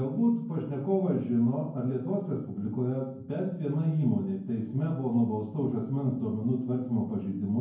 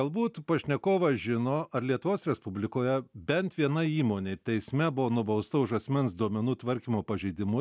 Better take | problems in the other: second | room echo; dies away in 0.9 s

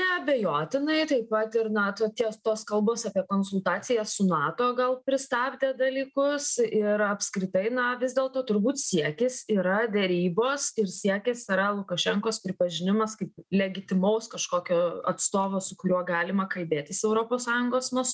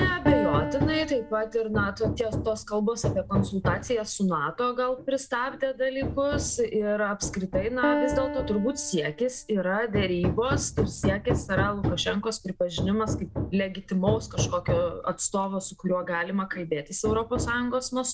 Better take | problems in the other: first | background sound (Piano + Hammer); 4 dB below the speech

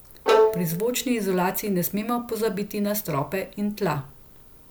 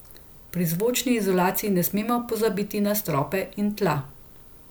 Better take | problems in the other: second | background sound (Bowed string instrument); 2 dB above the speech

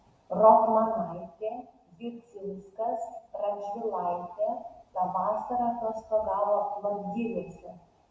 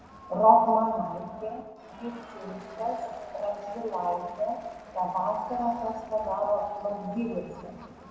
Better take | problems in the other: first | background sound (Crowd); 18 dB below the speech // room echo; dies away in 1.9 s

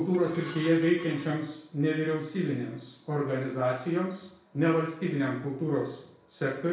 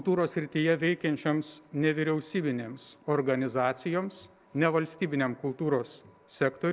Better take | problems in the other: second | background sound (Dishes, pots, and pans / Glass); 17 dB below the speech // room echo; dies away in 0.5 s

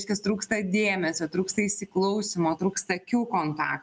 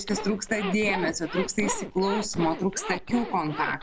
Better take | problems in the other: first | background sound (Zipper (clothing)); 6 dB below the speech

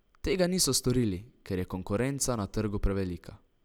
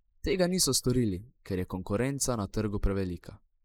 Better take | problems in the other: first | noise reduction (neural mask model Resemble Enhance denoiser)

